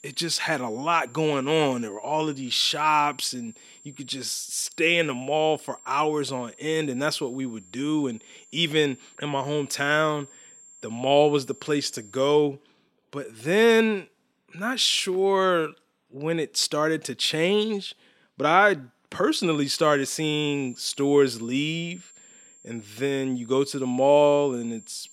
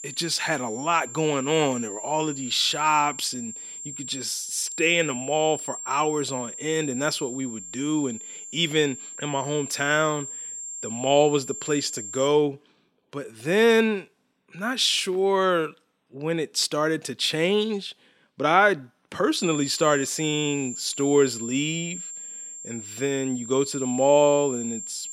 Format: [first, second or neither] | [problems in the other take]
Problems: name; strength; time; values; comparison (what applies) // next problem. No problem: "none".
first | high-pitched whine; loud; until 12 s and from 19 s on; 7.5 kHz, 10 dB below the speech; faint in the first